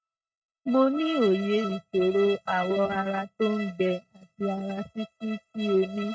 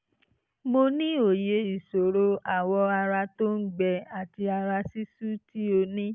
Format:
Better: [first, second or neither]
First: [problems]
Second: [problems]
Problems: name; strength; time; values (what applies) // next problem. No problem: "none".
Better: second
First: noise reduction (neural mask model RNNoise)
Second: none